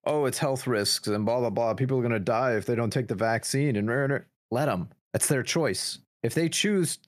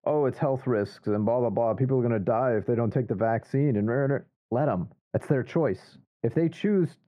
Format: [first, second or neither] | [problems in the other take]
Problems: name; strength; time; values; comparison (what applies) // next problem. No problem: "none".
first | muffled; very; fading above 3 kHz